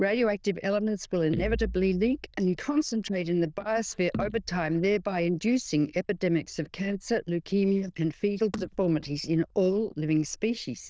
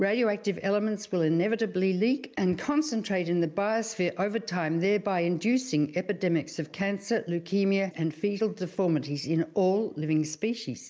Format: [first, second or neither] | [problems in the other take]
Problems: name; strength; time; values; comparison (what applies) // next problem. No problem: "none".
second | noise reduction (neural diffusion model UNIVERSE++)